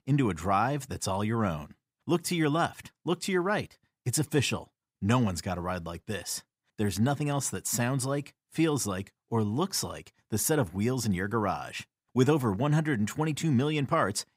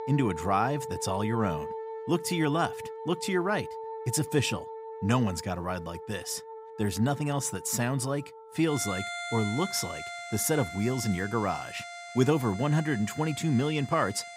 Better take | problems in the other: first | background music; loud; throughout; 10 dB below the speech

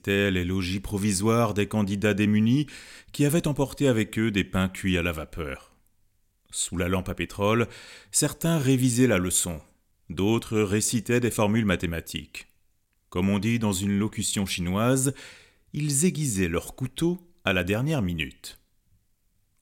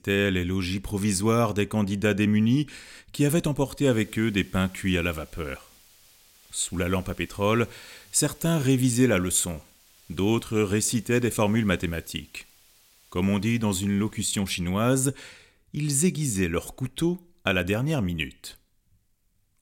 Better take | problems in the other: first | hiss; faint; from 4 to 14 s; 30 dB below the speech

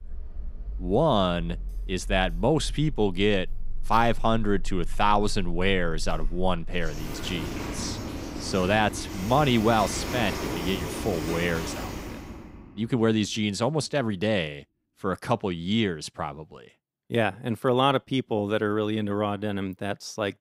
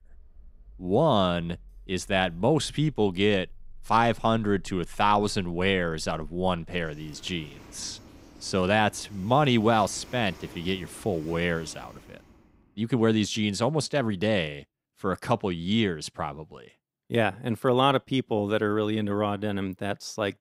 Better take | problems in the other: second | traffic noise; loud; until 12 s; 9 dB below the speech; faint in the second

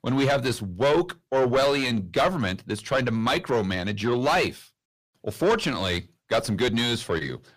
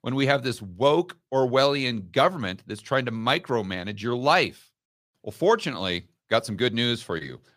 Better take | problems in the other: second | distortion; heavy; 5 dB below the speech

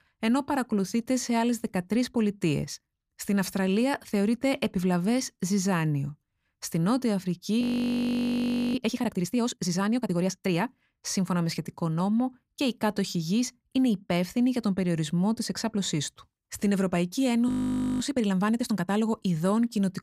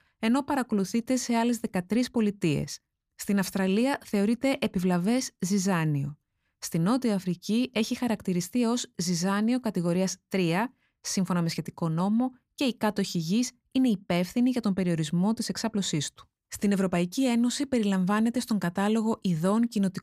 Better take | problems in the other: second | audio freezing; at 7.5 s for 1 s and at 17 s for 0.5 s

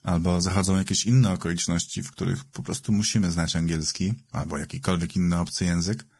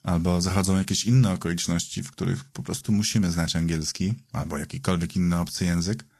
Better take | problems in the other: second | garbled, watery; badly; nothing above 10.5 kHz; slightly in the second

